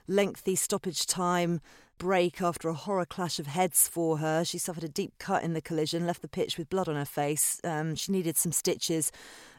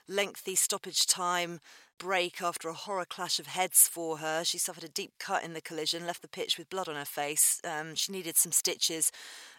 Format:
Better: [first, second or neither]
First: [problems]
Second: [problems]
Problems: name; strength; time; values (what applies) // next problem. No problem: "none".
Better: first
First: none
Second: thin; somewhat; fading below 1 kHz